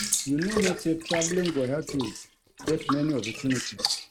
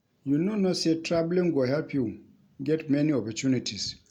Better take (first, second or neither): second